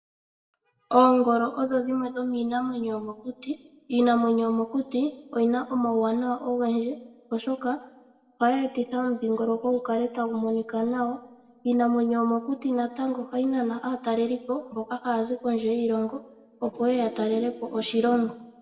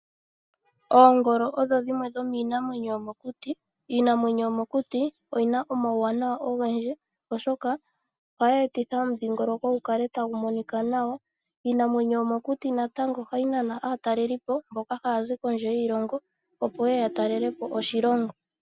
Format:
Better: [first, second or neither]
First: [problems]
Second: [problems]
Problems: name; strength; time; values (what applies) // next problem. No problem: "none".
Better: second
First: room echo; dies away in 0.6 s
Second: none